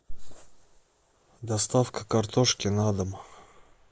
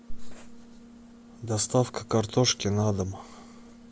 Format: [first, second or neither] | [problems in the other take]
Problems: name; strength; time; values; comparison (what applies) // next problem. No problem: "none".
second | noise reduction (neural mask model Resemble Enhance denoiser)